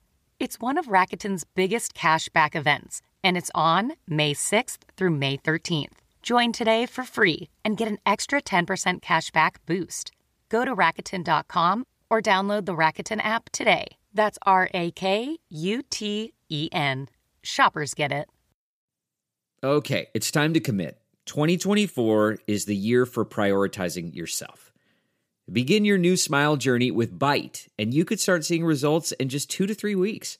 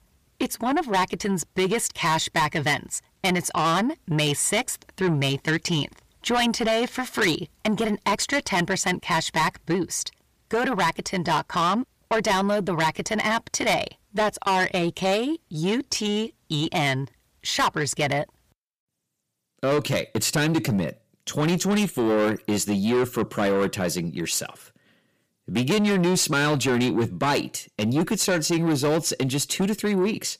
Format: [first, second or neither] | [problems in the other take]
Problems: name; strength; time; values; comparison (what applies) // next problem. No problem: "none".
first | distortion; heavy; 7 dB below the speech